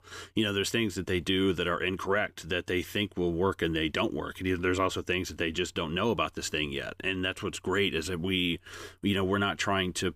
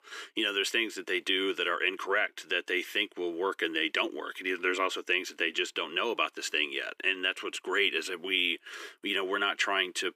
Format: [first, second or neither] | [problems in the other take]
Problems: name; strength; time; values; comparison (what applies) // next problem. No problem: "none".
first | thin; somewhat; fading below 350 Hz